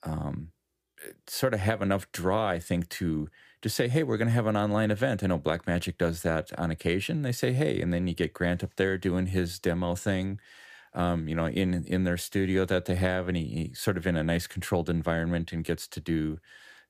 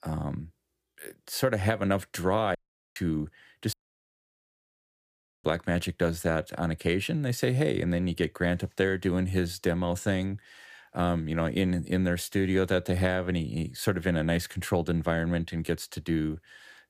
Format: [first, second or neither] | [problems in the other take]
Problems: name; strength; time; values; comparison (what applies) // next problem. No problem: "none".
first | audio cutting out; at 2.5 s and at 3.5 s for 1.5 s